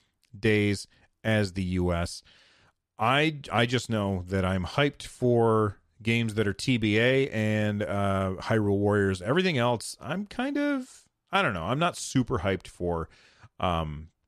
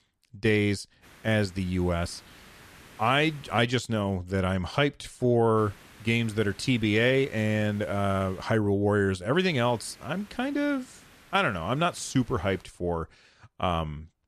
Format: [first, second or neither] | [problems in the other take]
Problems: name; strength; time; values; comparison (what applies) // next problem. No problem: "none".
first | hiss; faint; from 1 to 3.5 s, from 5.5 to 8.5 s and from 9.5 to 13 s; 25 dB below the speech